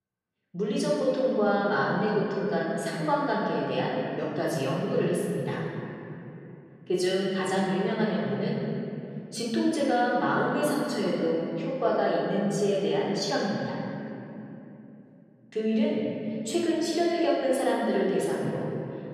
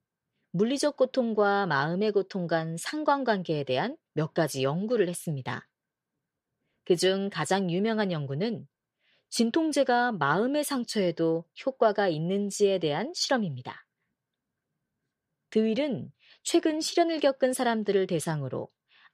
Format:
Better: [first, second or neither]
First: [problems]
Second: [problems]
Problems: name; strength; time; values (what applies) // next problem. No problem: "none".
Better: second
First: off-mic speech; far // room echo; strong; dies away in 2.9 s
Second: none